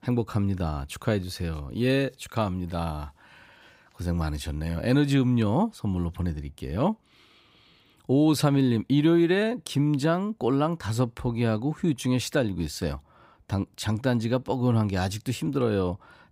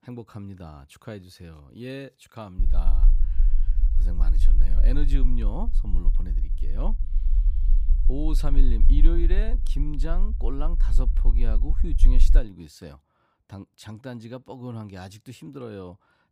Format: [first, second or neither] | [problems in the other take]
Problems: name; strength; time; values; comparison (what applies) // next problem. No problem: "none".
first | low rumble; noticeable; from 2.5 to 12 s; 10 dB below the speech